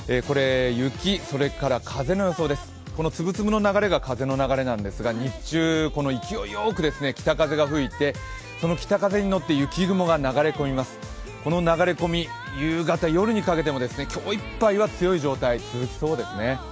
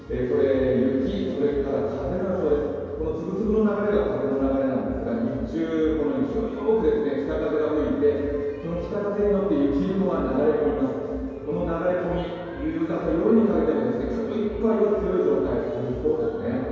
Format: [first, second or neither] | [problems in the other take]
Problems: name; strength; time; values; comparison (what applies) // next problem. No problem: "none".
first | room echo; dies away in 2.2 s